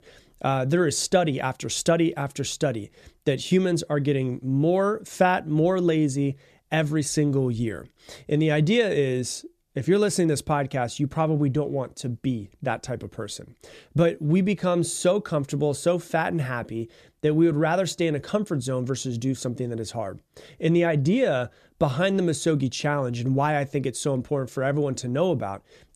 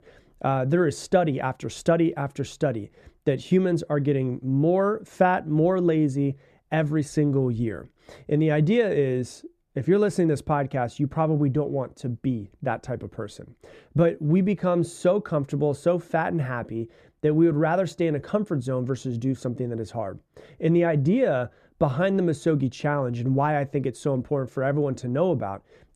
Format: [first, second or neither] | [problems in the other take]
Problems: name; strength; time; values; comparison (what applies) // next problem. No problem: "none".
first | muffled; slightly; fading above 2.5 kHz